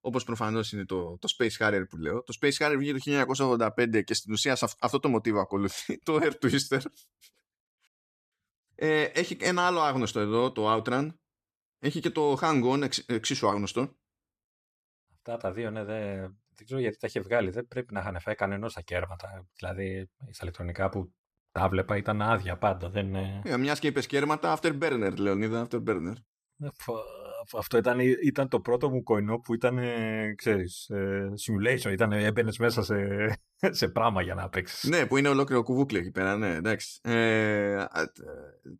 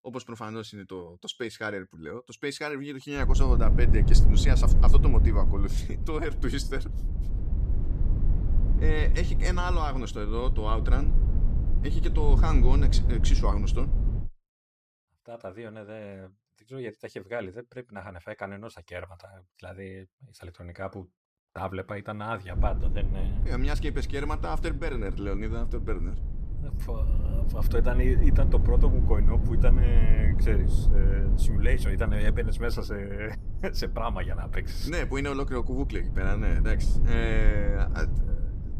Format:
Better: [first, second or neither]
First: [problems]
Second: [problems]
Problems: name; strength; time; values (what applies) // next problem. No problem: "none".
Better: first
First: none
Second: low rumble; loud; from 3 to 14 s and from 23 s on; 8 dB below the speech